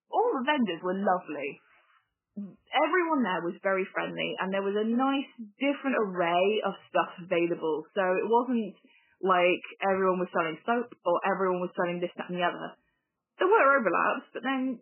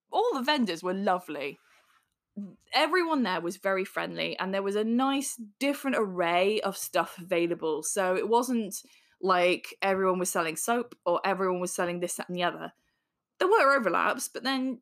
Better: second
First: garbled, watery; badly; nothing above 3 kHz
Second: none

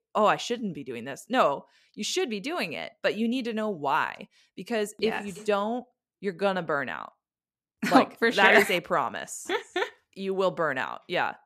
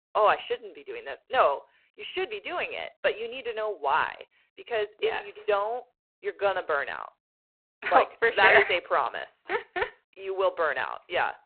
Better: first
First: none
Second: phone-call audio; poor line; nothing above 4 kHz

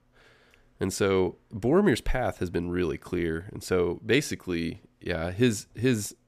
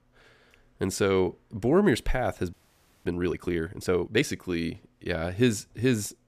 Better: first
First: none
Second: audio freezing; at 2.5 s for 0.5 s

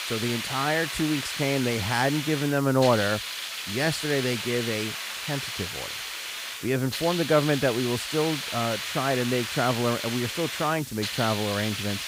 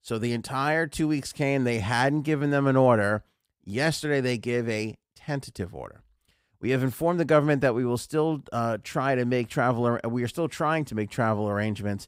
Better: second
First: hiss; loud; throughout; 4 dB below the speech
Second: none

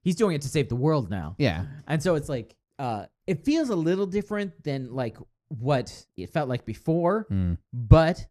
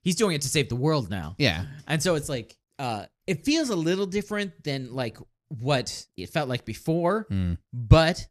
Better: second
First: muffled; slightly; fading above 2 kHz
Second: none

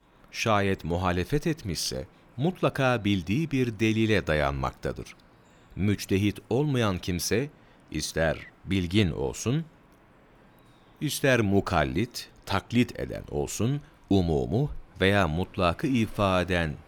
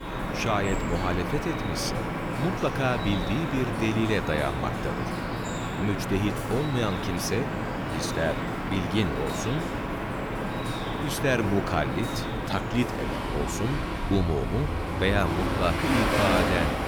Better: first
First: rain or running water; faint; throughout; 30 dB below the speech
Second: rain or running water; loud; throughout; 1 dB below the speech

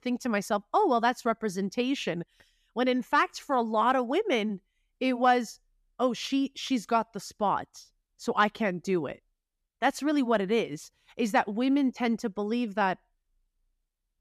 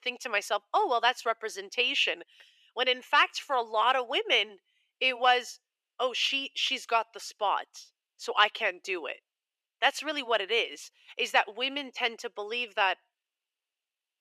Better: first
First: none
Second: thin; very; fading below 400 Hz

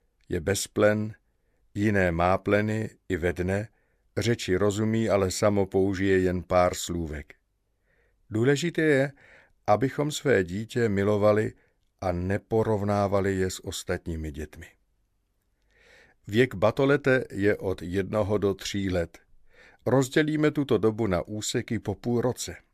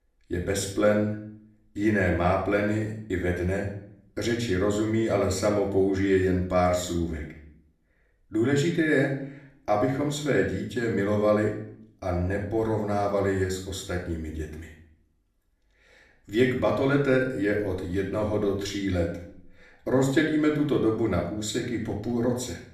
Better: first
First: none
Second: room echo; noticeable; dies away in 0.5 s // off-mic speech; far

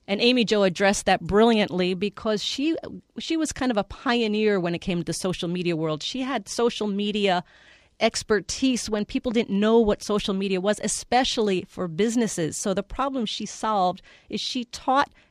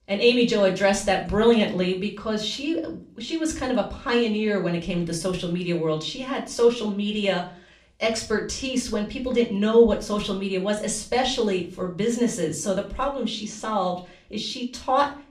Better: first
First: none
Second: room echo; slight; dies away in 0.3 s // off-mic speech; somewhat distant

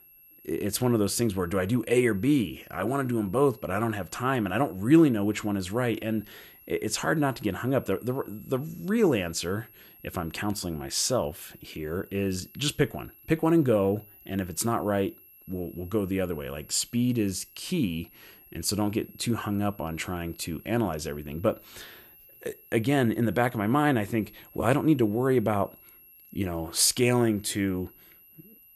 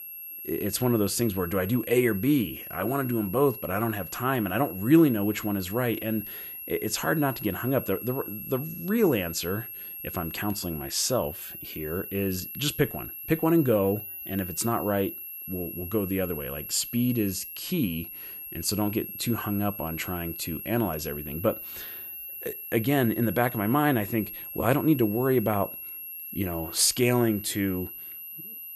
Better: first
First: high-pitched whine; faint; throughout; 11.5 kHz, 25 dB below the speech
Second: high-pitched whine; loud; throughout; 11.5 kHz, 9 dB below the speech

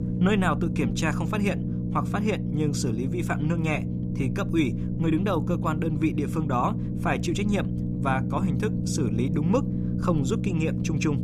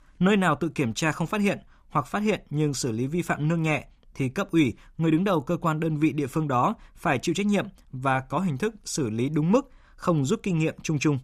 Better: second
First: low rumble; loud; throughout; 7 dB below the speech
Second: none

